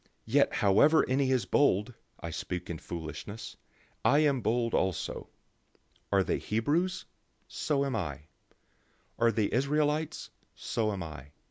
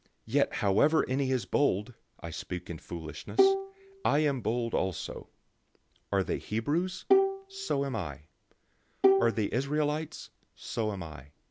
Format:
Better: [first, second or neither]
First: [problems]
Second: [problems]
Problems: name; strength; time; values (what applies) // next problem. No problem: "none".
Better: first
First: none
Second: background sound (Bowed string instrument); 2 dB above the speech